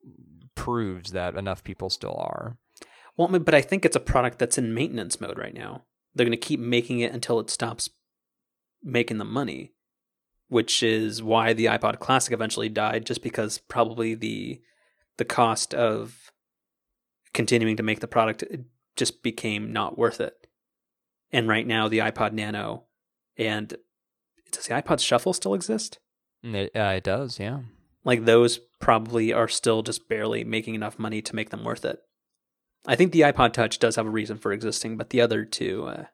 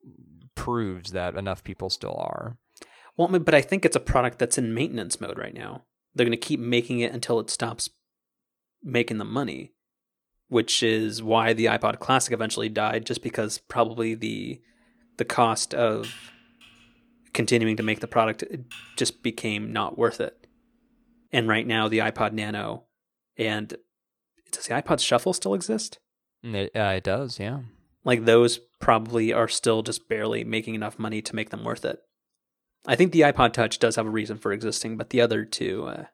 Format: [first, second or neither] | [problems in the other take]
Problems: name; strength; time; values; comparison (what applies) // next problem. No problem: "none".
first | keyboard typing; faint; from 16 to 19 s; peak 15 dB below the speech